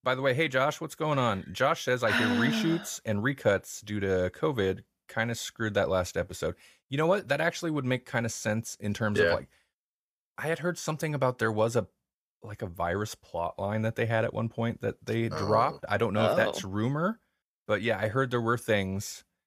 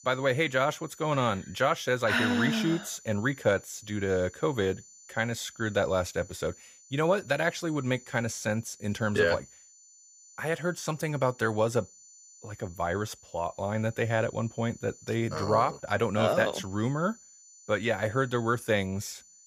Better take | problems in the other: first | high-pitched whine; faint; throughout; 7 kHz, 20 dB below the speech

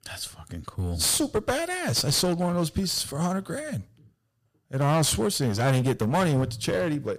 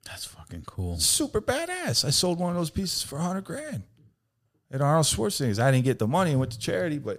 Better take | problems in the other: second | distortion; slight; 10% of the sound clipped

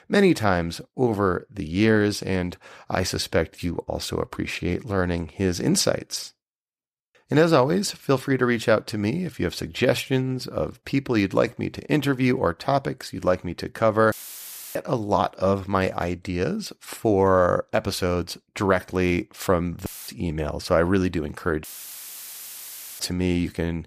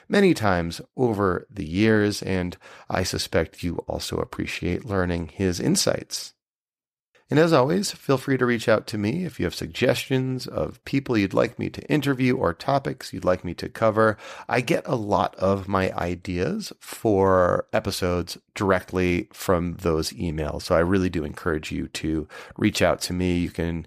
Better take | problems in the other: second | audio cutting out; filled with static; at 14 s for 0.5 s, at 20 s and at 22 s for 1.5 s

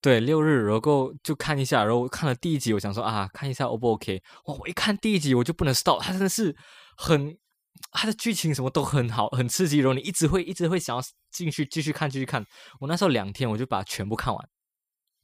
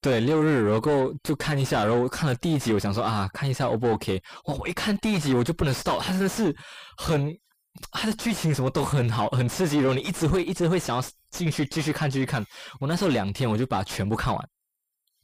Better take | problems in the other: first | distortion; heavy; 6 dB below the speech

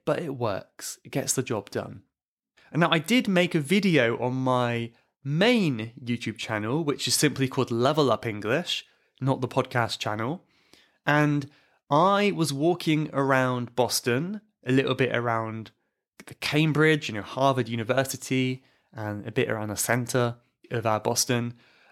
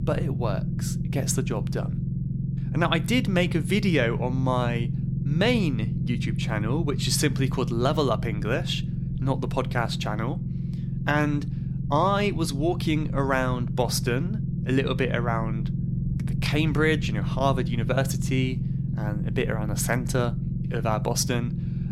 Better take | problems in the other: first | low rumble; noticeable; throughout; 10 dB below the speech

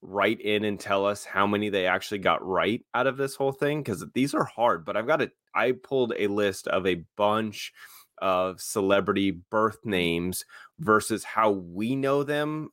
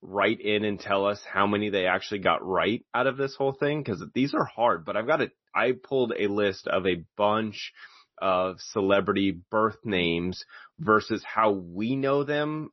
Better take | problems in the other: first | garbled, watery; slightly; nothing above 6 kHz

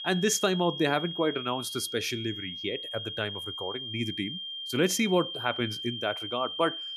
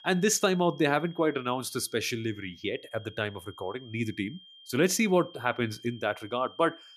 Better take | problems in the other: second | high-pitched whine; loud; throughout; 3.5 kHz, 5 dB below the speech; faint in the second

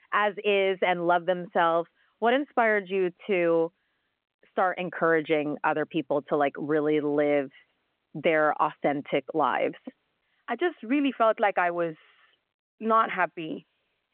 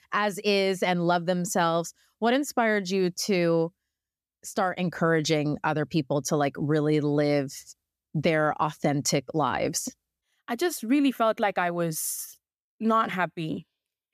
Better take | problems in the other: second | phone-call audio

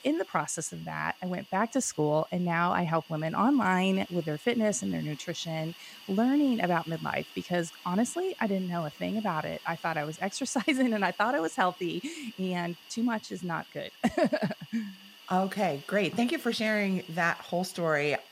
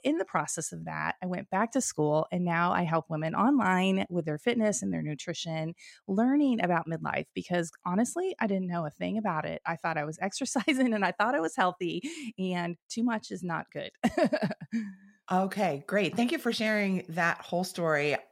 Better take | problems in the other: second | hiss; noticeable; throughout; 20 dB below the speech

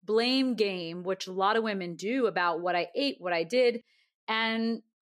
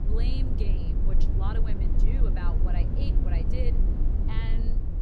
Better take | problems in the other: first | low rumble; loud; throughout; as loud as the speech

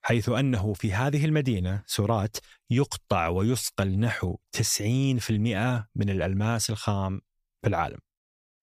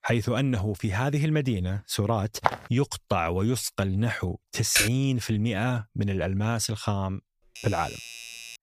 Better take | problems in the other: first | footsteps; noticeable; at 2.5 s; peak 1 dB below the speech // keyboard typing; loud; at 5 s; peak 3 dB above the speech // doorbell; faint; from 7.5 s on; peak 10 dB below the speech

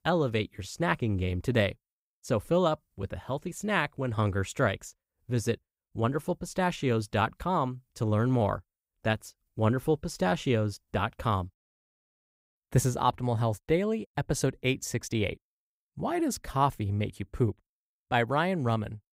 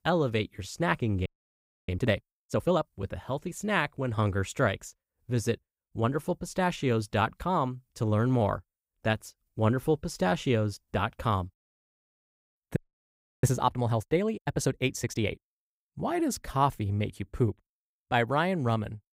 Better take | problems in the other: first | audio freezing; at 1.5 s for 0.5 s and at 13 s for 0.5 s

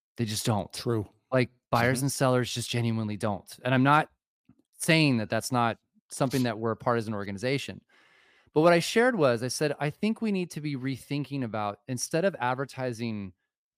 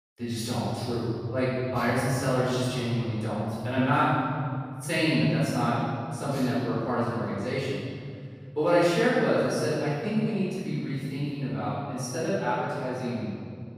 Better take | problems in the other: first | off-mic speech; far // room echo; strong; dies away in 2.5 s

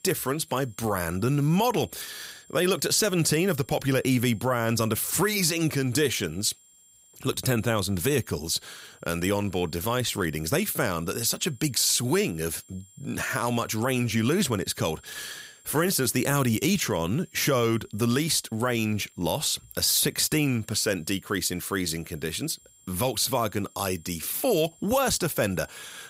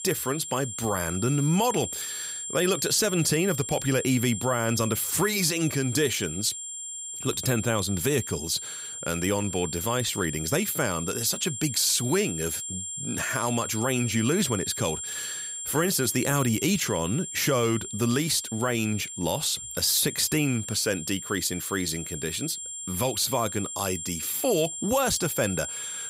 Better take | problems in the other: first | high-pitched whine; loud; throughout; 7.5 kHz, 7 dB below the speech; faint in the first

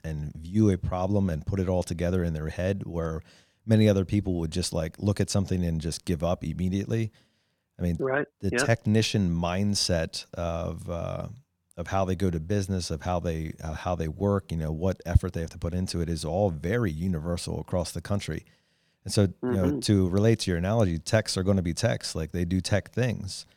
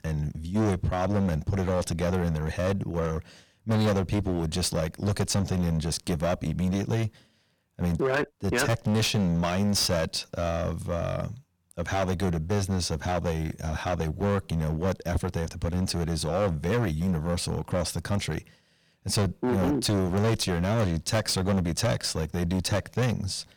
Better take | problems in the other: first | distortion; heavy; 13% of the sound clipped

